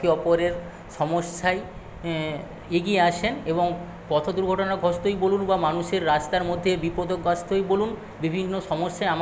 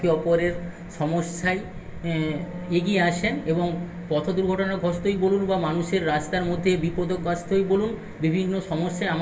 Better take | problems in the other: first | background sound (Wind instrument, woodwind instrument); 17 dB below the speech // room echo; dies away in 0.1 s

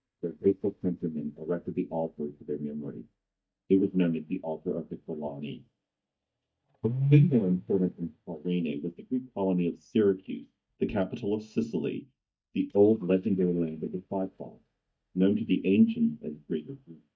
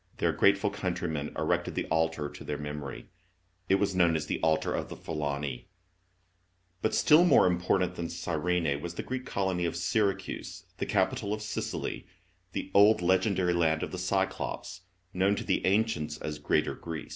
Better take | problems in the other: second | noise reduction (neural mask model DeepFilterNet 3)

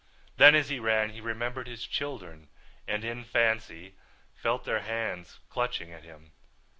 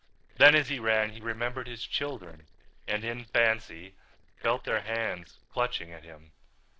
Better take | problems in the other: first | noise reduction (neural separator model SepFormer DNS4)

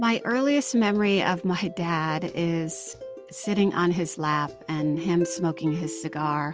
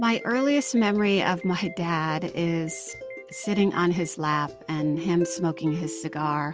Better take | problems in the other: first | background sound (Alarm); 20 dB below the speech

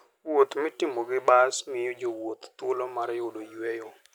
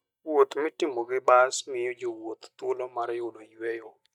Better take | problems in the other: first | noise reduction (neural mask model DeepFilterNet 3)

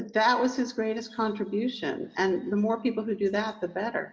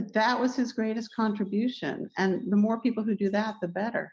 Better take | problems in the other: second | room echo; dies away in 0.5 s

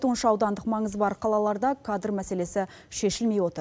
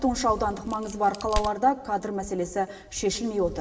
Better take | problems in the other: first | background sound (Crack); 12 dB below the speech // room echo; dies away in 0.8 s

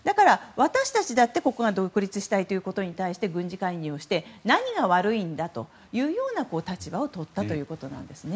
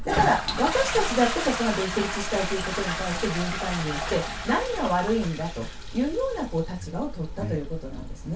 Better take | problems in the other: first | background sound (Toilet flush); 4 dB below the speech // room echo; dies away in 0.2 s

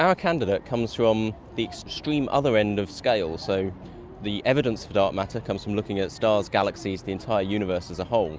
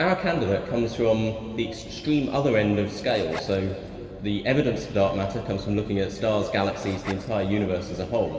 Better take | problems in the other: first | background sound (Zipper (clothing)); 19 dB below the speech // room echo; dies away in 2.4 s

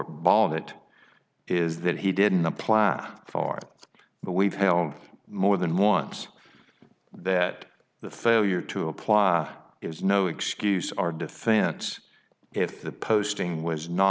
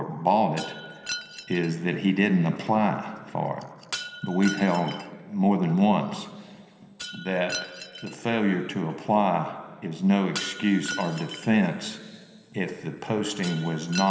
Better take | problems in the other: first | background sound (Shatter); 15 dB below the speech // room echo; dies away in 2.4 s

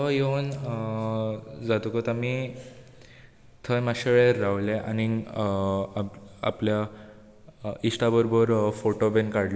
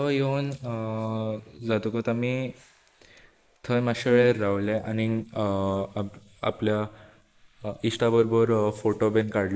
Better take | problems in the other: first | noise reduction (neural mask model Resemble Enhance denoiser)

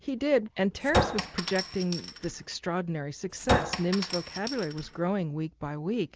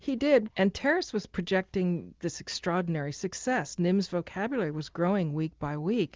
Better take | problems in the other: second | background sound (Chink, clink); 1 dB below the speech

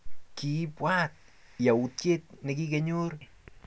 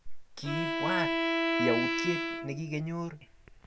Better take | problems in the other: first | background sound (Bowed string instrument); 2 dB above the speech

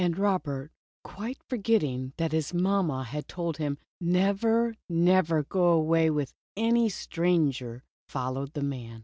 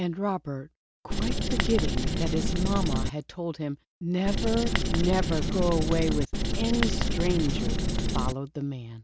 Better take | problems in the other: first | background sound (Writing); 4 dB above the speech

